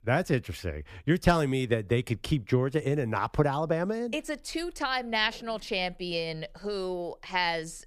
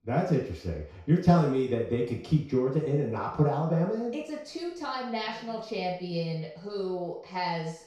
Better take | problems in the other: first | room echo; noticeable; dies away in 0.6 s // off-mic speech; far

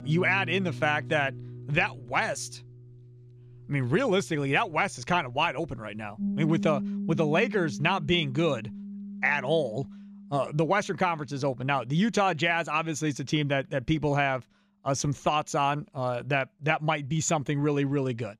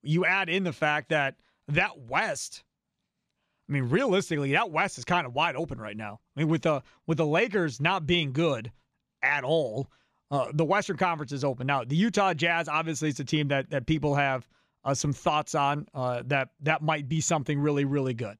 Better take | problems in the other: second | background music; noticeable; throughout; 10 dB below the speech

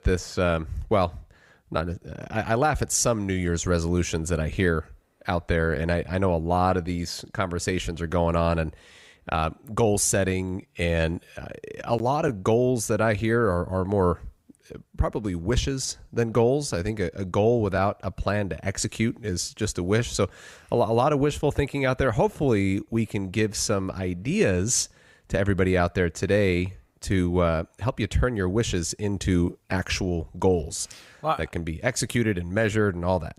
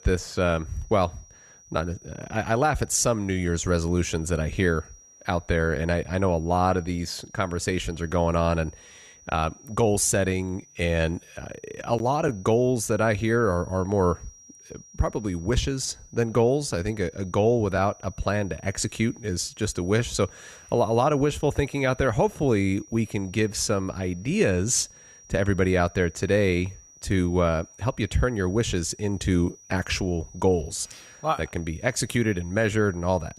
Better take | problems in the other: first | high-pitched whine; faint; throughout; 5.5 kHz, 25 dB below the speech

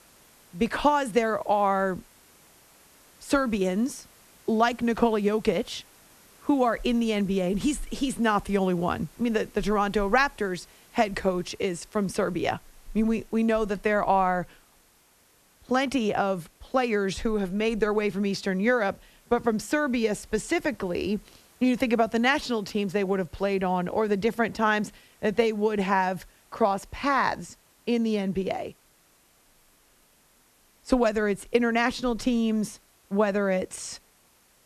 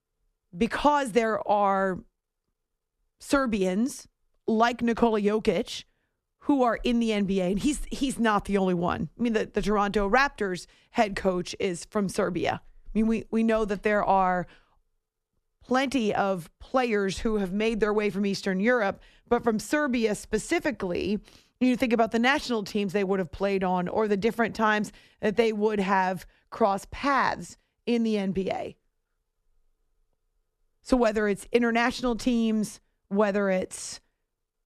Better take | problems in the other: second | hiss; faint; throughout; 30 dB below the speech

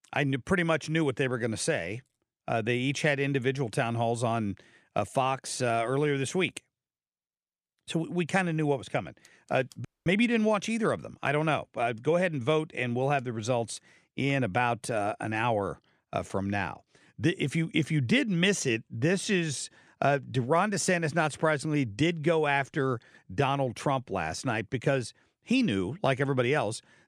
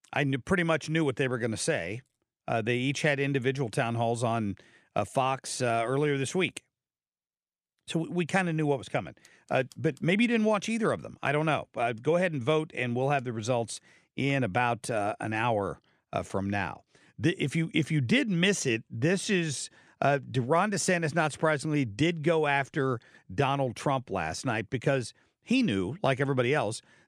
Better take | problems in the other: second | audio cutting out; at 10 s

